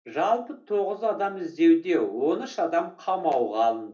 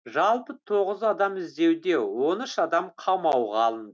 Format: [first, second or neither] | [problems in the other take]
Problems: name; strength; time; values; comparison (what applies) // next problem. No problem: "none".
second | room echo; dies away in 0.3 s